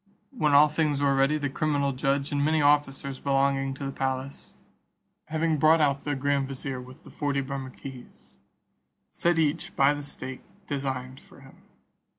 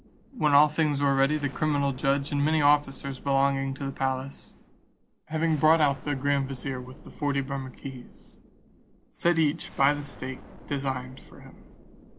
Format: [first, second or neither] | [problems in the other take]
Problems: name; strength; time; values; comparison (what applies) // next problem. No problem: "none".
first | background sound (Explosion); 20 dB below the speech